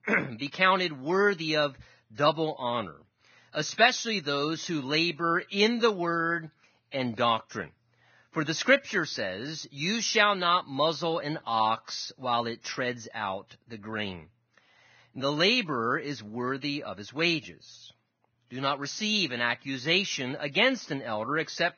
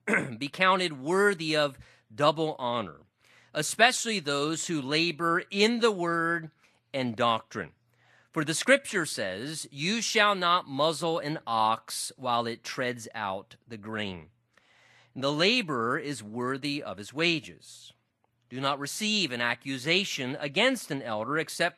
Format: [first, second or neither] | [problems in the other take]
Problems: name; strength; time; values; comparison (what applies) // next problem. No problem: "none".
second | garbled, watery; badly; nothing above 6.5 kHz; slightly in the second